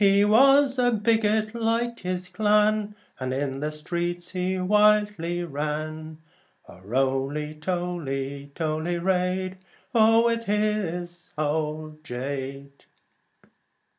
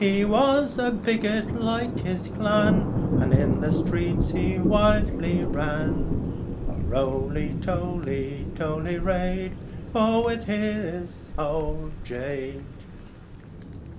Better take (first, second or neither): first